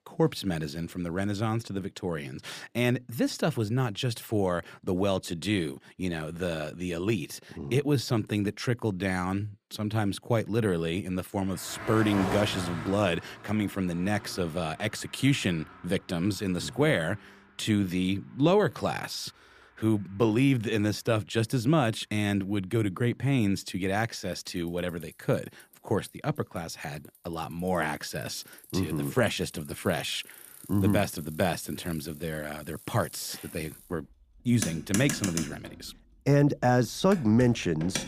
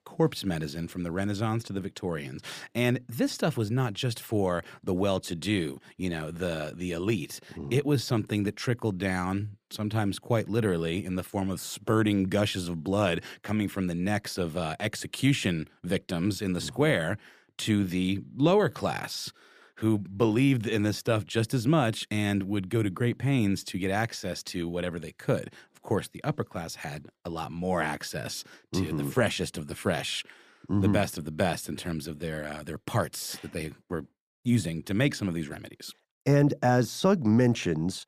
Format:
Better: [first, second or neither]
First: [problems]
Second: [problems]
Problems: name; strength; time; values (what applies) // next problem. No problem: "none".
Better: second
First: traffic noise; noticeable; from 12 s on; 10 dB below the speech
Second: none